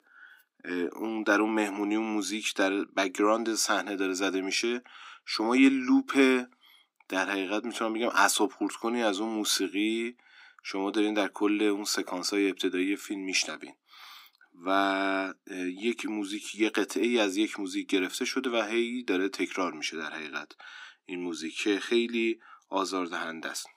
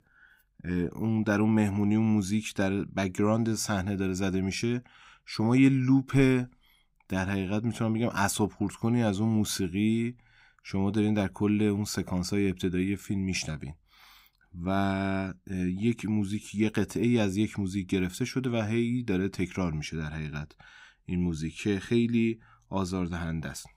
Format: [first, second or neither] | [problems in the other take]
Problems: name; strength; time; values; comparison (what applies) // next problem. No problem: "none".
second | thin; somewhat; fading below 300 Hz